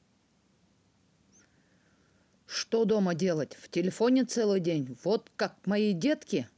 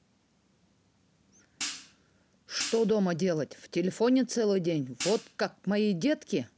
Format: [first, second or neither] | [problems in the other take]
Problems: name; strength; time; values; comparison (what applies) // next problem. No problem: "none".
first | background sound (Hi-hat); 10 dB below the speech